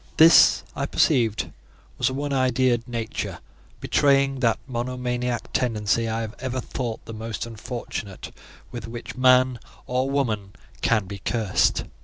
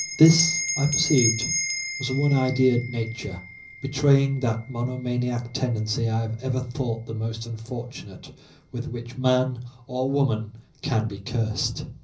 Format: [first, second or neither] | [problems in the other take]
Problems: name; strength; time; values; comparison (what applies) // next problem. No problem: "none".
first | background sound (Bell); 10 dB below the speech // room echo; dies away in 0.5 s